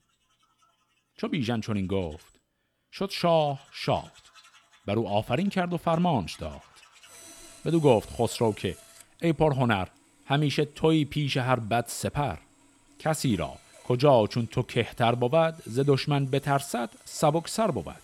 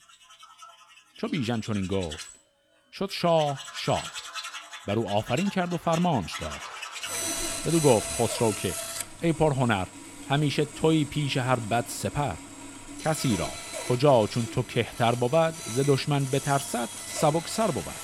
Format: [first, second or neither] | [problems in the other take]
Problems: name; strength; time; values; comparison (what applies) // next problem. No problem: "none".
first | machinery noise; loud; throughout; 9 dB below the speech; faint in the first